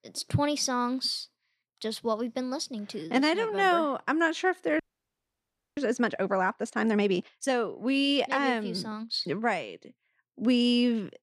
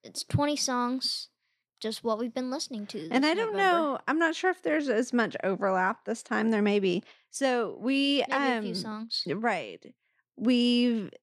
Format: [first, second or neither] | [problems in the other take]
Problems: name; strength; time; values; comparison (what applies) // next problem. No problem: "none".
second | audio freezing; at 5 s for 1 s